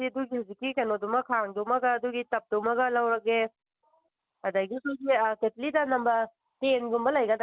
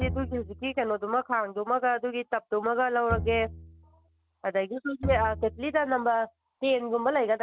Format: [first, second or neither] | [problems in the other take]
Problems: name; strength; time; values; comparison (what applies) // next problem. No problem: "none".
first | background sound (Bowed string instrument); 10 dB below the speech